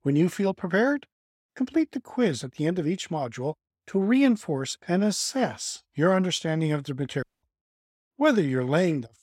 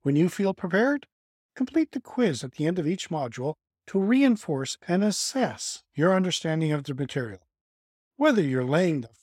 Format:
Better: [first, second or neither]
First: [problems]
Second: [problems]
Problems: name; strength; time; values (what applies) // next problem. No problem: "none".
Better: second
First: audio cutting out; at 7 s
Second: none